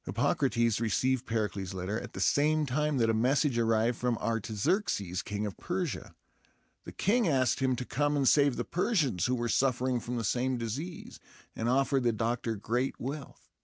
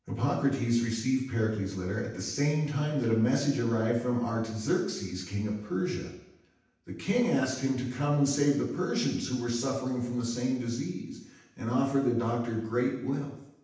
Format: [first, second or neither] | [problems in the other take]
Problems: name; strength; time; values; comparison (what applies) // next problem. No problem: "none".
first | room echo; dies away in 0.9 s